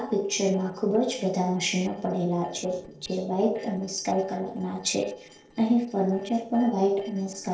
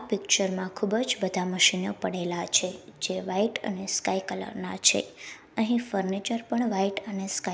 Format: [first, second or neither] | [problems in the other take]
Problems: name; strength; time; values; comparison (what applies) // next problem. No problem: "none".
second | noise reduction (neural separator model SepFormer DNS4)